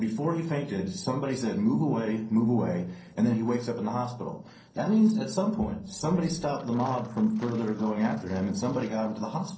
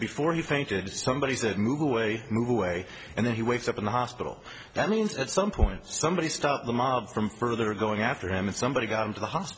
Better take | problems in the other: second | noise reduction (neural separator model SepFormer DNS4)

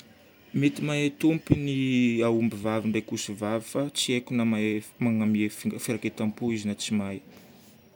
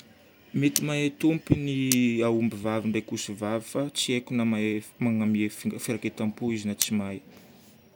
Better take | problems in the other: first | background sound (Cutlery, silverware); 9 dB below the speech

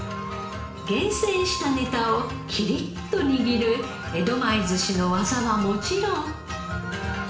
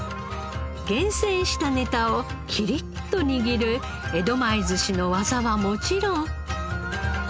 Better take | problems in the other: second | room echo; dies away in 0.7 s

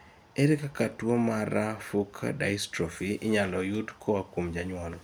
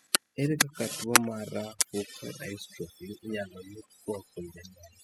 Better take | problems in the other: first | noise reduction (classical method spectral subtraction)

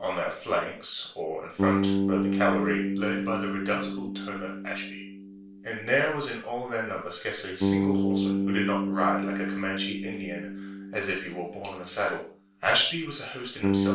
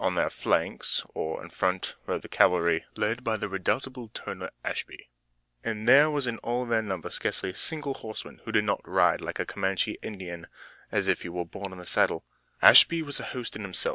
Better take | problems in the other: second | background sound (Bass guitar); 1 dB above the speech // room echo; dies away in 0.4 s

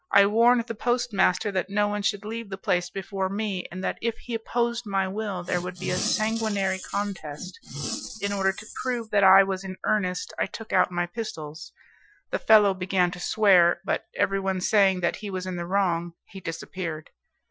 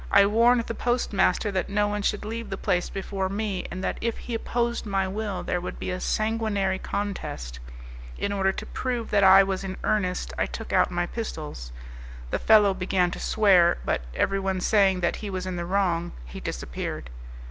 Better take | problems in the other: second | noise reduction (classical method Wiener filter)

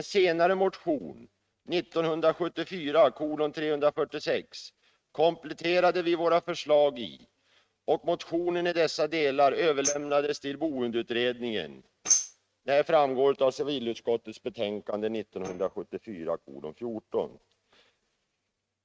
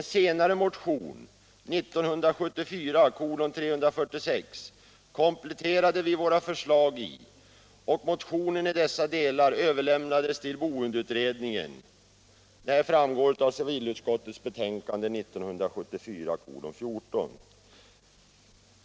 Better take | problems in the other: second | noise reduction (neural mask model RNNoise)

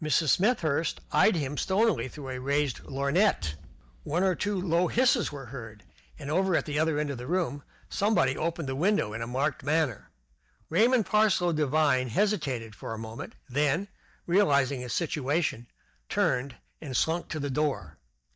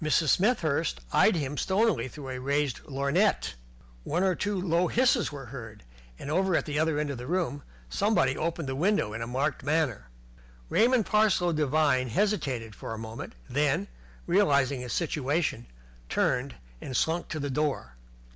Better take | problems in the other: second | noise reduction (neural mask model DeepFilterNet 3)

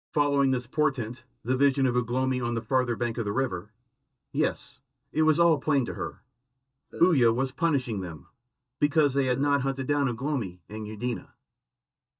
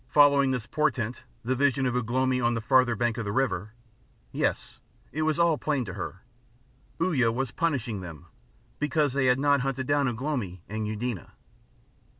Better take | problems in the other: second | noise reduction (neural mask model DeepFilterNet 3)

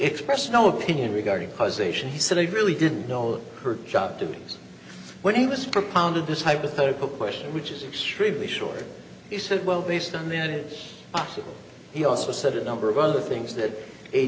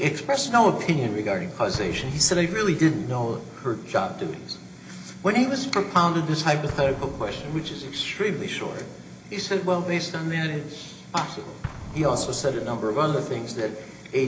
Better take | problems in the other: first | background sound (Explosion); 19 dB below the speech // room echo; dies away in 0.4 s

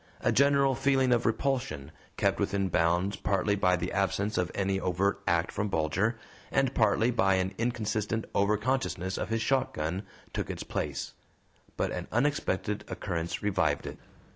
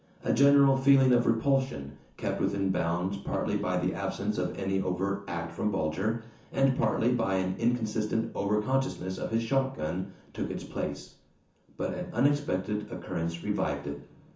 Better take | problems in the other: first | room echo; dies away in 0.9 s

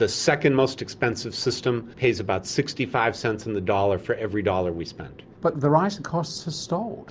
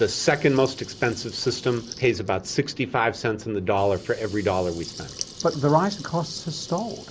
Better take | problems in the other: first | background sound (Water tap, faucet / Liquid); 18 dB below the speech

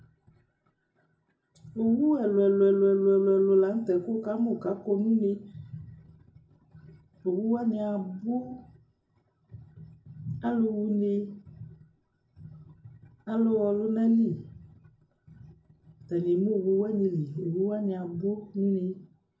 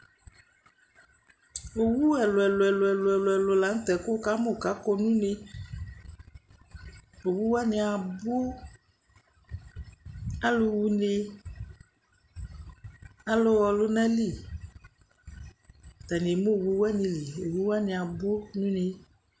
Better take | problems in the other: second | room echo; dies away in 0.4 s

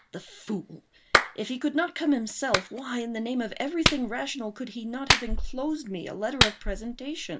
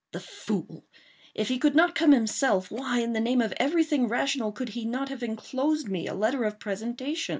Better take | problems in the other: second | background sound (Clapping); 1 dB above the speech

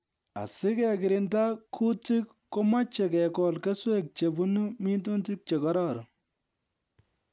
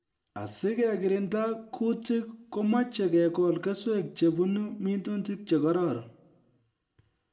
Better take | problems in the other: first | room echo; dies away in 0.4 s

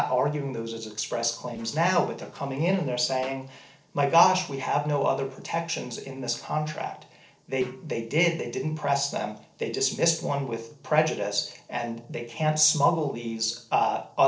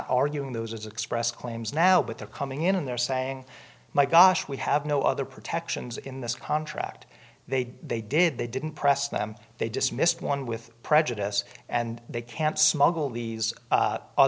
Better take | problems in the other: second | noise reduction (neural separator model SepFormer DNS4)

